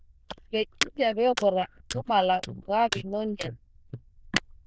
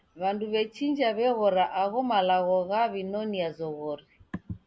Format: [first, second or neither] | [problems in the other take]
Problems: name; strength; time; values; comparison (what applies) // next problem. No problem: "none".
second | noise reduction (neural diffusion model UNIVERSE++)